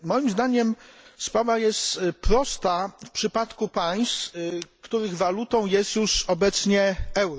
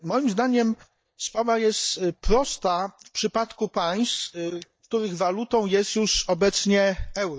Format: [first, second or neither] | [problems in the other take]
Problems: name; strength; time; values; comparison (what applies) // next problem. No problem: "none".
first | noise reduction (neural mask model DeepFilterNet 3)